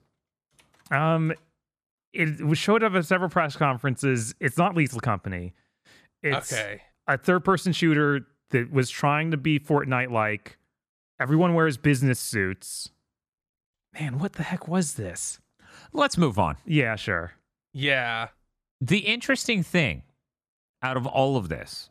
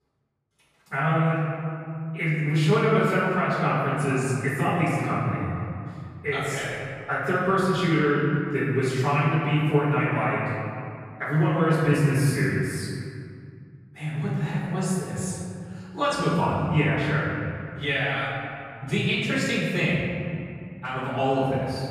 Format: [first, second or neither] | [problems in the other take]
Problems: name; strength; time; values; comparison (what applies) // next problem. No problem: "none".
first | off-mic speech; far // room echo; strong; dies away in 2.4 s